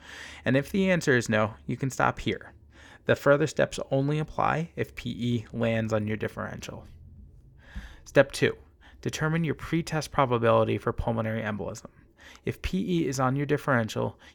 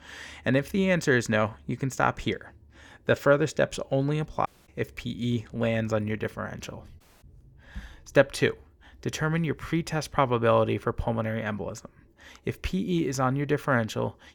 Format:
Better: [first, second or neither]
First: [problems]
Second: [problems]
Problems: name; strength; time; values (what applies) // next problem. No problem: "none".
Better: first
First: none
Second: audio cutting out; at 4.5 s and at 7 s